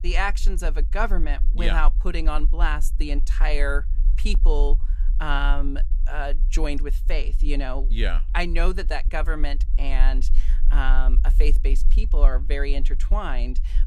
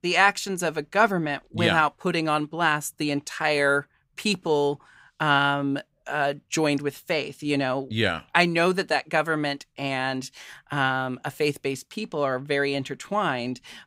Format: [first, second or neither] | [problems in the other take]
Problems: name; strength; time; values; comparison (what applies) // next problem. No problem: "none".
second | low rumble; faint; throughout; 20 dB below the speech